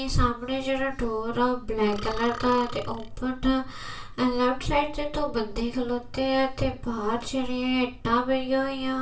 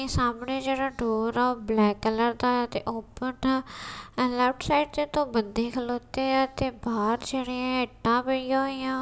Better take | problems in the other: second | background sound (Burping, eructation); 14 dB below the speech // room echo; dies away in 0.3 s

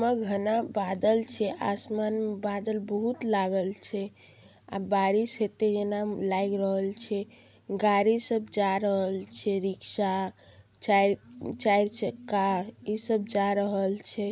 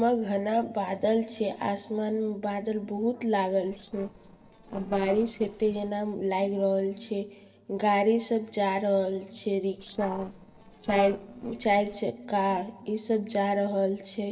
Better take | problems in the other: first | noise reduction (neural separator model SepFormer DNS4)

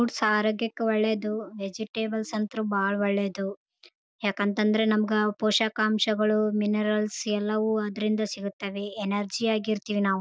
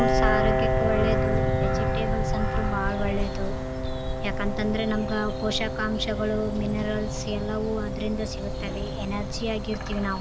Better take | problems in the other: first | background sound (Piano + Bird vocalization, bird call, bird song); 3 dB above the speech

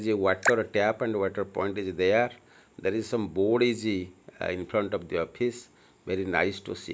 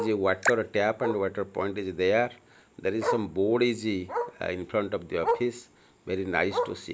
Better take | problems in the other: first | background sound (Bark); 8 dB below the speech

